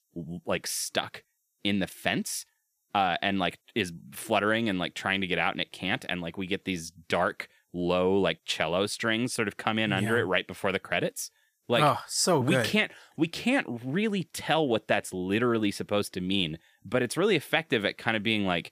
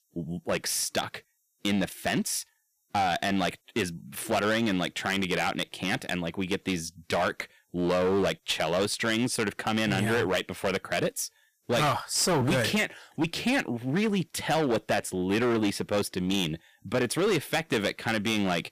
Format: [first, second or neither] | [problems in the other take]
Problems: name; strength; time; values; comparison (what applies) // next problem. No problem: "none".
first | distortion; heavy; 11% of the sound clipped